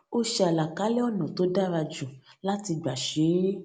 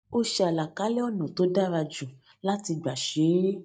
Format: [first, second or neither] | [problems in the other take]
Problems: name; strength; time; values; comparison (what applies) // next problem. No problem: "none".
first | noise reduction (neural mask model DeepFilterNet 3)